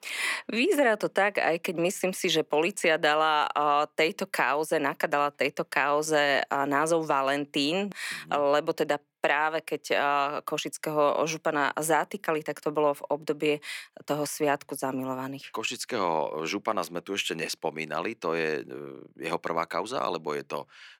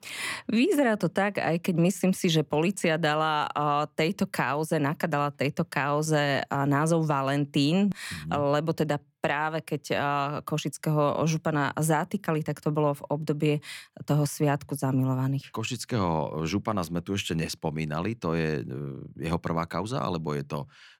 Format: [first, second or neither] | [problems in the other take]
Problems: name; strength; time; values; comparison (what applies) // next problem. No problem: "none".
second | thin; somewhat; fading below 400 Hz